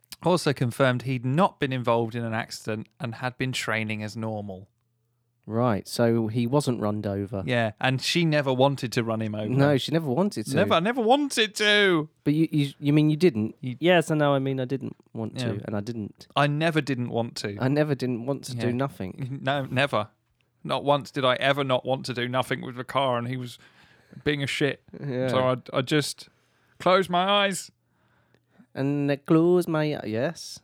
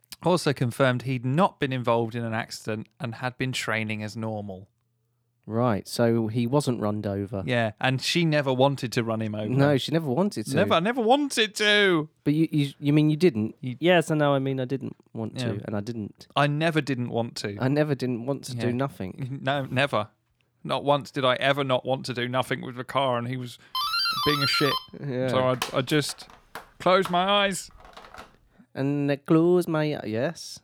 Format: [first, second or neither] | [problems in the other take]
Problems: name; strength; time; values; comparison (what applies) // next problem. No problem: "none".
first | doorbell; loud; from 24 to 28 s; peak 2 dB above the speech